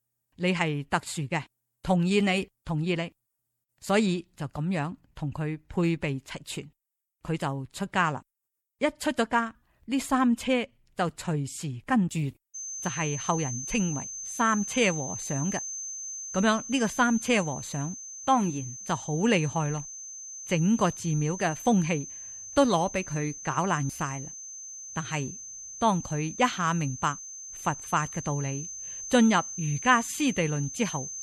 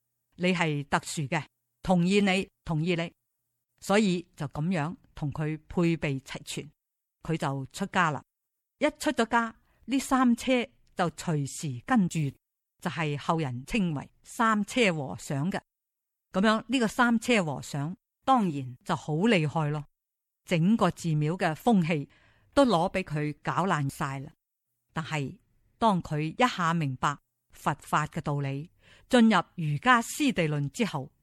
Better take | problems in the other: second | high-pitched whine; loud; from 13 s on; 6.5 kHz, 8 dB below the speech

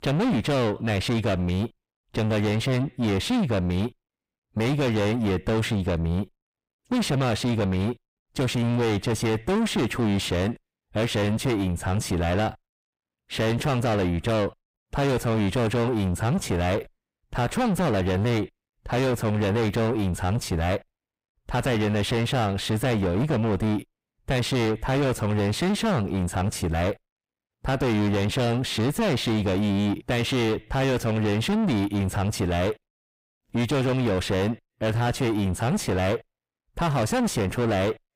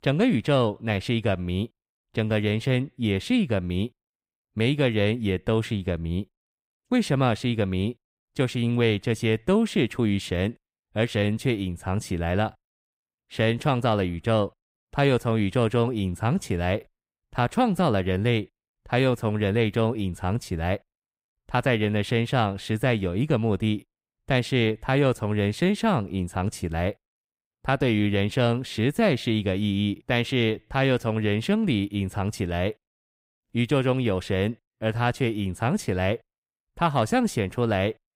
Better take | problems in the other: second | distortion; heavy; 5 dB below the speech

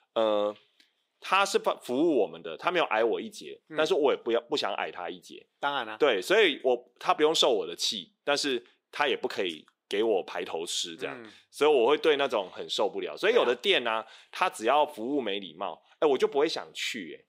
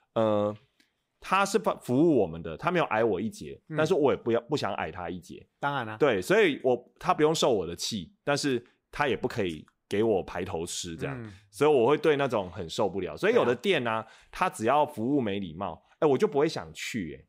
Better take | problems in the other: second | thin; very slightly; fading below 400 Hz

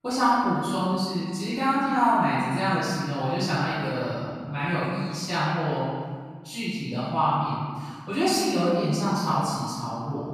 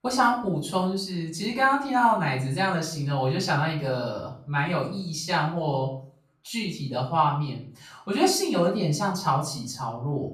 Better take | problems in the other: second | room echo; strong; dies away in 1.7 s; slight in the second // off-mic speech; far; far in the second

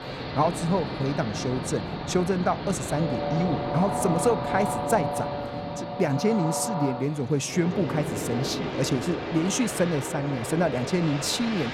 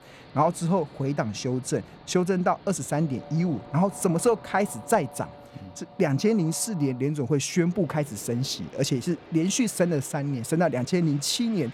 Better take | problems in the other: second | train or aircraft noise; loud; throughout; 4 dB below the speech; faint in the second

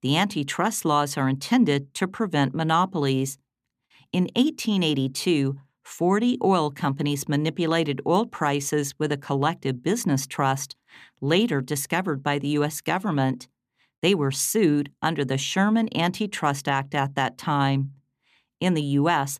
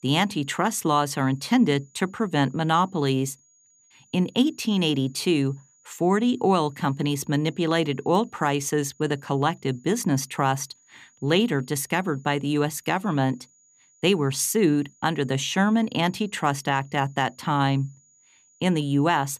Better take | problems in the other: first | high-pitched whine; faint; throughout; 7 kHz, 35 dB below the speech

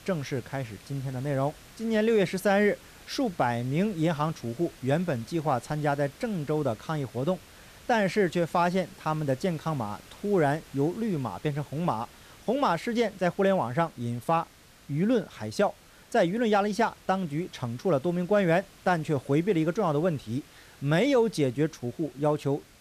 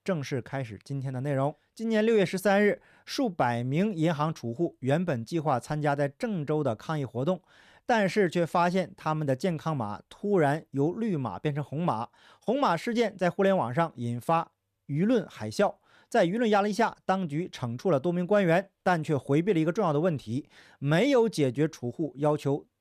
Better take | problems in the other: second | hiss; faint; throughout; 25 dB below the speech

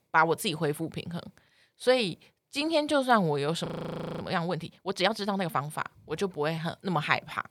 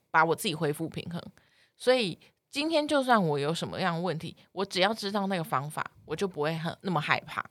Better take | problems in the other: second | audio freezing; at 3.5 s for 0.5 s

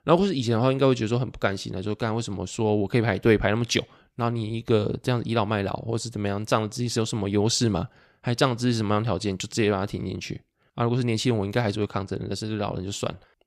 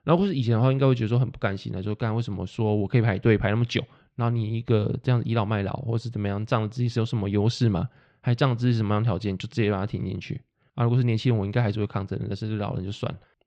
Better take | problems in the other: first | muffled; very slightly; fading above 3 kHz

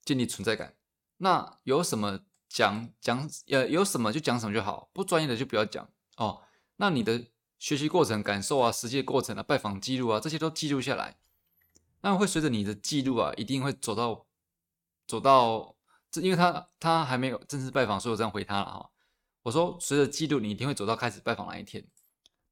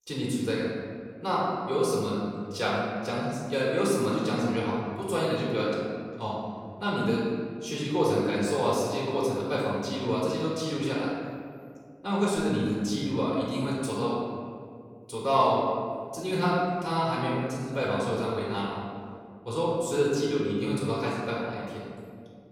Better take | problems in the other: first | off-mic speech; far // room echo; noticeable; dies away in 2 s

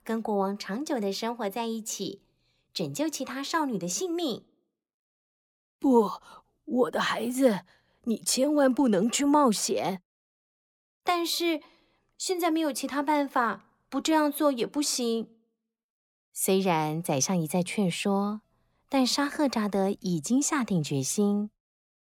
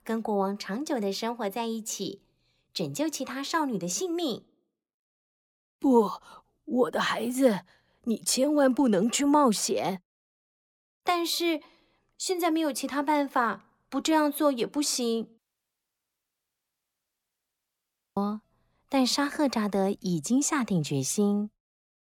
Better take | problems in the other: first | audio cutting out; at 15 s for 3 s

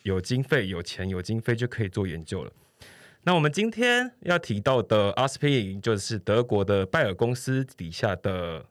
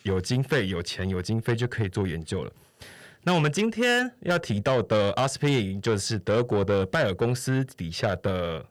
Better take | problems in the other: first | distortion; slight; 10 dB below the speech

